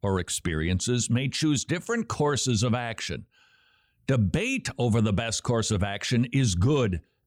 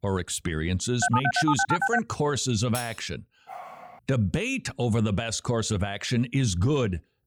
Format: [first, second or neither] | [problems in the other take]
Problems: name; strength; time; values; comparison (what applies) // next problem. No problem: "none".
first | phone ringing; loud; at 1 s; peak 2 dB above the speech // clattering dishes; noticeable; at 2.5 s; peak 10 dB below the speech // dog barking; faint; at 3.5 s; peak 15 dB below the speech